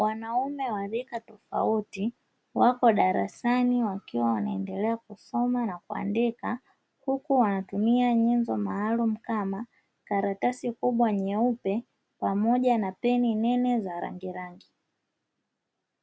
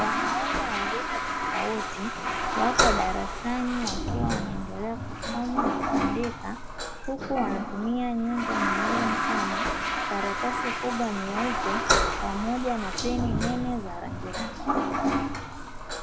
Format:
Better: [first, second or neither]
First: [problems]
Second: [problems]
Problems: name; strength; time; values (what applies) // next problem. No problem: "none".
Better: first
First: none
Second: background sound (Toilet flush); 3 dB above the speech